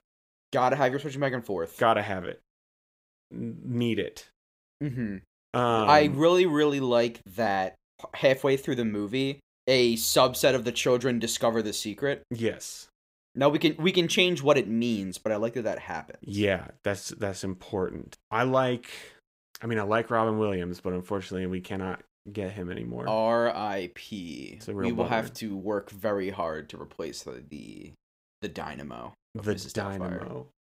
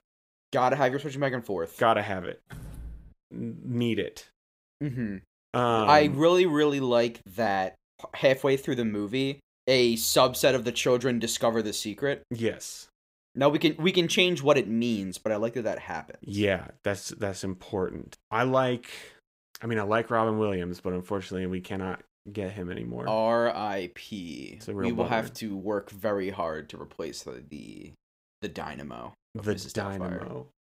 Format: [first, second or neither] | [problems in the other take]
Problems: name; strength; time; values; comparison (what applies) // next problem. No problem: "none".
first | door banging; faint; at 2.5 s; peak 15 dB below the speech